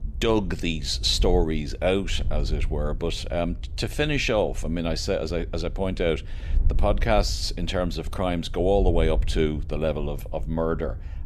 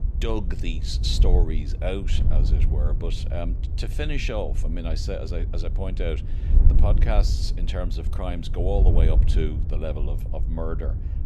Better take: first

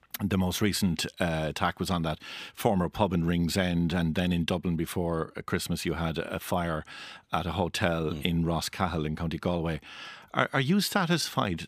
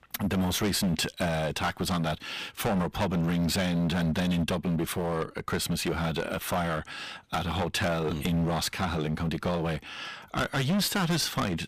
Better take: first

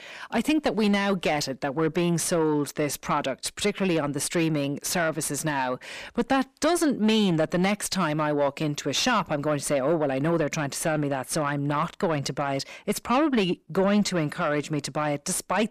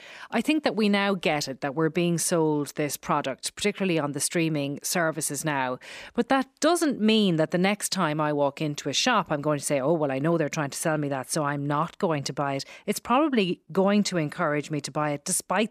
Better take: second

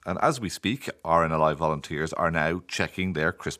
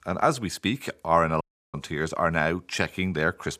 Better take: first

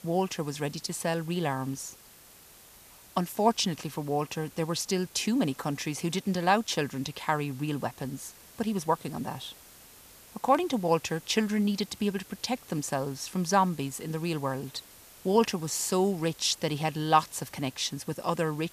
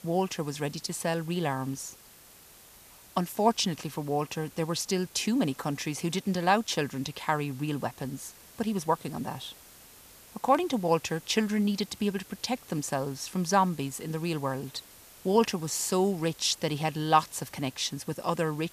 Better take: neither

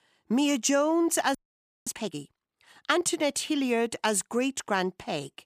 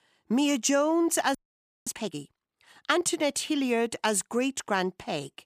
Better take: neither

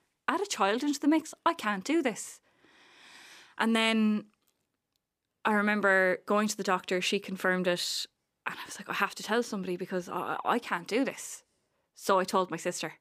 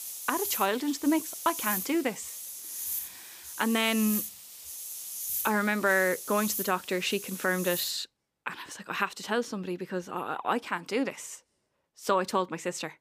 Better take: first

